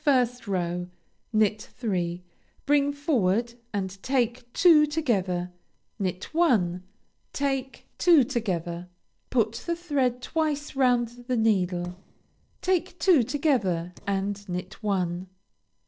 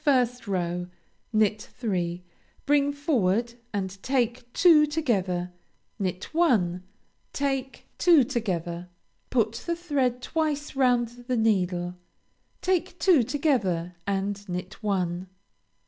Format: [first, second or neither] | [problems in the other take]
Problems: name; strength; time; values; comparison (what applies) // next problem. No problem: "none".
second | noise reduction (neural separator model SepFormer DNS4)